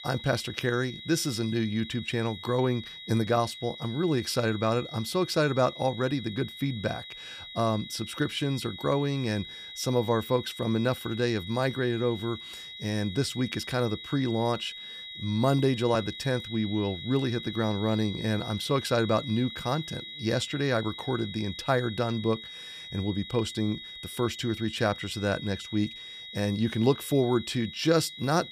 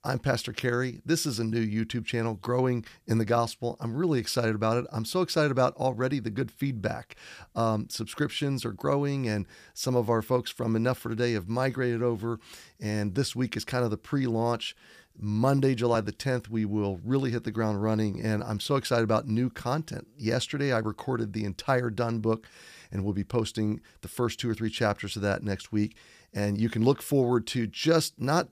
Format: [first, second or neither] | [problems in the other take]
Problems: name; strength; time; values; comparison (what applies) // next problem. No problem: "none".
second | high-pitched whine; noticeable; throughout; 4 kHz, 10 dB below the speech